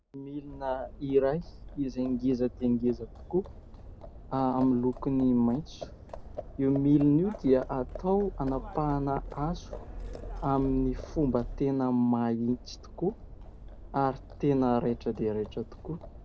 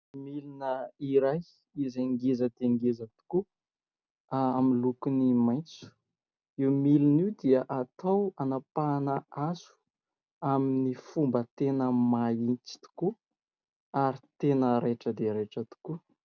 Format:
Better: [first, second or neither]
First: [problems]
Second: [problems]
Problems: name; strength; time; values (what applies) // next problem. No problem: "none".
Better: second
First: background sound (Livestock, farm animals, working animals); 13 dB below the speech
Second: none